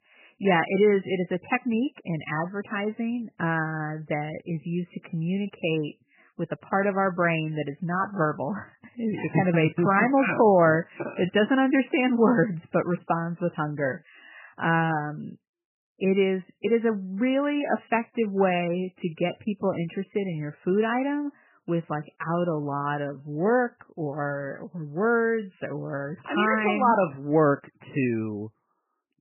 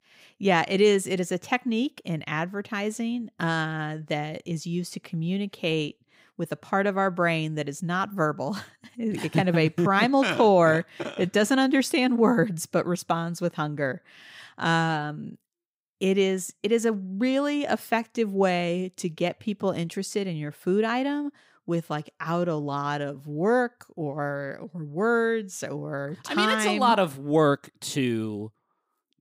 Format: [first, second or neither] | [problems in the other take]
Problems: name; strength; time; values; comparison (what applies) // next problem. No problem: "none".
second | garbled, watery; badly; nothing above 3 kHz